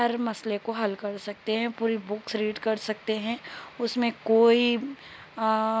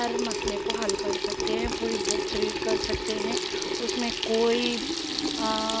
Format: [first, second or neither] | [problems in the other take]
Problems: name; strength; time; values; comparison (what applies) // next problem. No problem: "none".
first | background sound (Sink (filling or washing) / Water tap, faucet); 2 dB above the speech